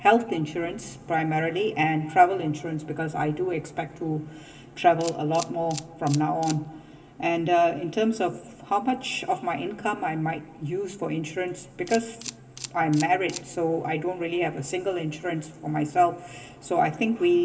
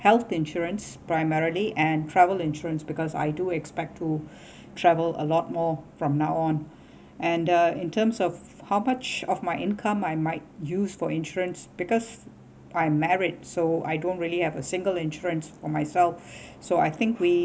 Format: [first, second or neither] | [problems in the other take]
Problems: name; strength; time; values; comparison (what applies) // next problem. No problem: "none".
second | background sound (Camera); 16 dB below the speech // room echo; dies away in 1.7 s